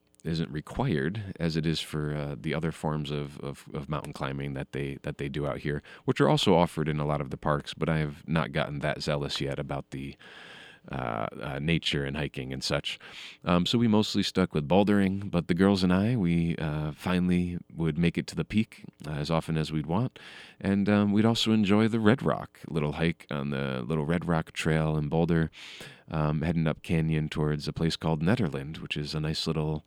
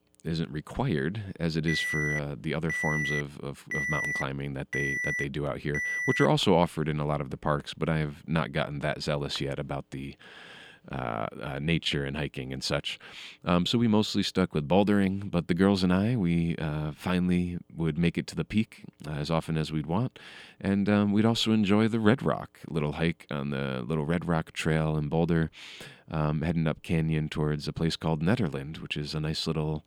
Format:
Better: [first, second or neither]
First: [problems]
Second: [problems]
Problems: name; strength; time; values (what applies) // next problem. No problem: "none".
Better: first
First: none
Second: alarm; loud; from 1.5 to 6.5 s; peak level with the speech